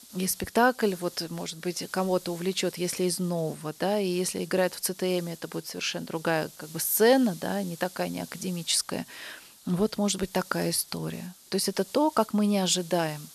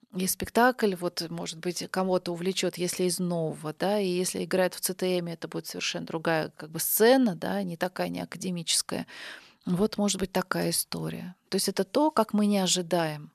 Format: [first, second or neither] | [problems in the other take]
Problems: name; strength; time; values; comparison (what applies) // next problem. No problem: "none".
second | hiss; noticeable; throughout; 20 dB below the speech